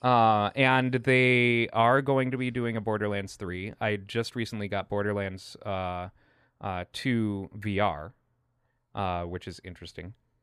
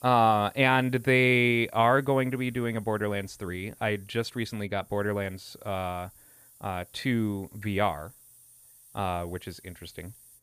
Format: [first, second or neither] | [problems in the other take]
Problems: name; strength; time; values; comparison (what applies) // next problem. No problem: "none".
first | hiss; faint; throughout; 25 dB below the speech